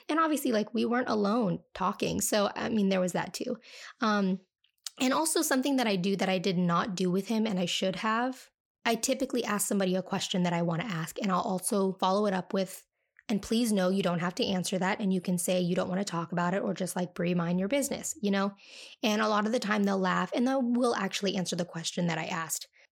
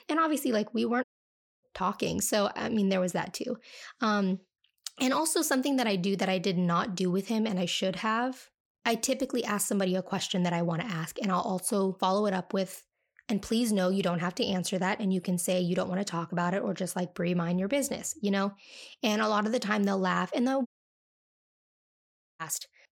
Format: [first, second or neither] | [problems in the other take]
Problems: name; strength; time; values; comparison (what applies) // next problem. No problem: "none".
first | audio cutting out; at 1 s for 0.5 s and at 21 s for 1.5 s